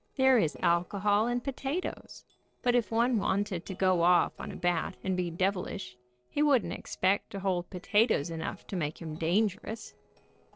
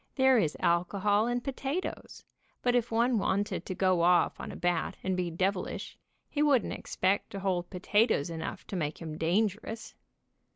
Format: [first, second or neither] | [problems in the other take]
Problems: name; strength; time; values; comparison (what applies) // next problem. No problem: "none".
second | noise reduction (neural separator model SepFormer DNS4)